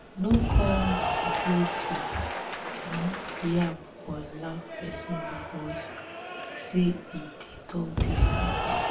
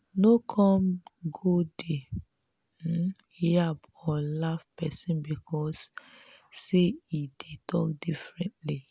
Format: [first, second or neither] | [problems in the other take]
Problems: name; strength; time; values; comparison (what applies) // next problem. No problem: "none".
second | background sound (Applause / Cheering); 1 dB above the speech // room echo; dies away in 0.3 s